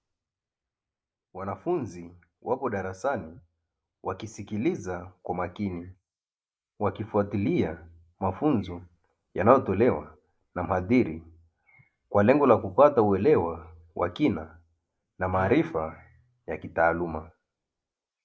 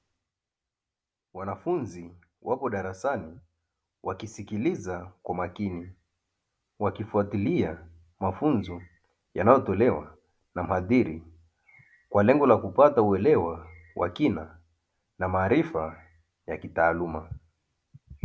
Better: second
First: noise reduction (neural mask model Resemble Enhance denoiser)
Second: none

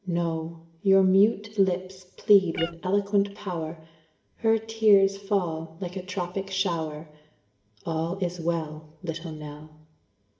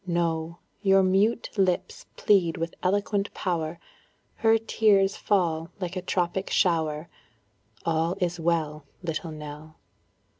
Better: second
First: background sound (Meow); 13 dB below the speech // room echo; dies away in 0.7 s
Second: none

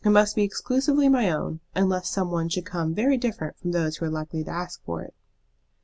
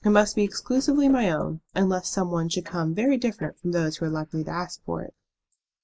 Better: first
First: none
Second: noise reduction (neural mask model Resemble Enhance denoiser)

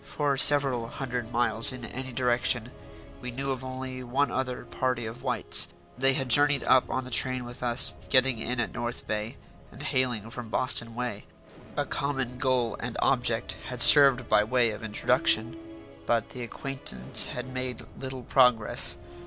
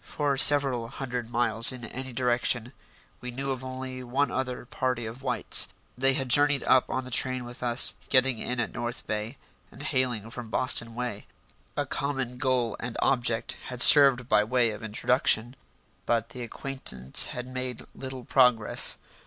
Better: second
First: background sound (Explosion + Musical instrument); 16 dB below the speech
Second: none

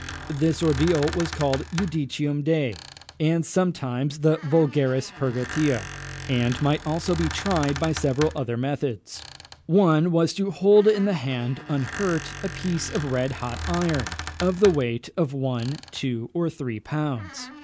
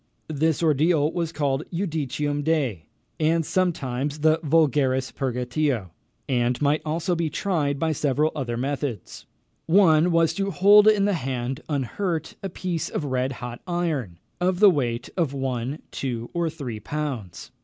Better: second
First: background sound (Squeak); 13 dB below the speech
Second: none

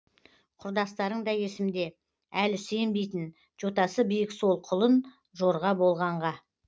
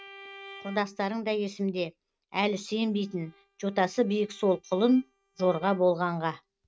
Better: first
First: none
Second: noise reduction (neural mask model RNNoise)

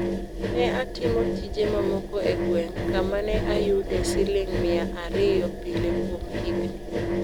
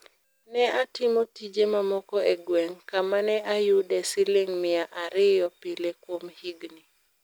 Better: second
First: background sound (Engine); 1 dB above the speech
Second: none

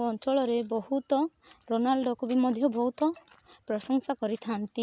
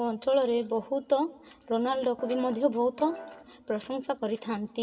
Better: first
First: none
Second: background sound (Piano); 13 dB below the speech // room echo; dies away in 0.2 s

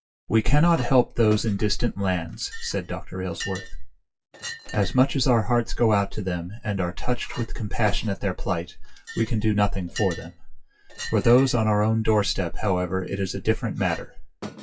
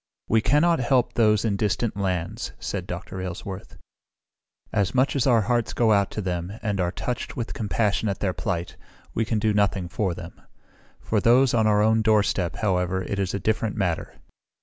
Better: second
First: noise reduction (classical method WPE with log-MMSE)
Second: none

